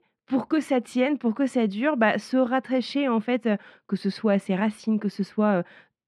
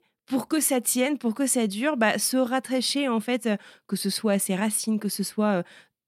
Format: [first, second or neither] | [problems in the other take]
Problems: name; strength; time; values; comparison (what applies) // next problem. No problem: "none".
second | muffled; slightly; fading above 2.5 kHz